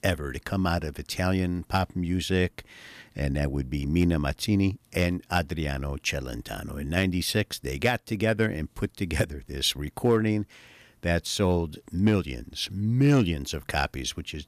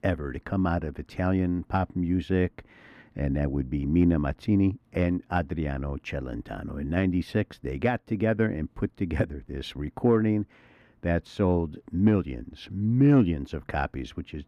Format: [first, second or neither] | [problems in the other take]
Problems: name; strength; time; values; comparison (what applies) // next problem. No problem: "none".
first | muffled; very; fading above 3 kHz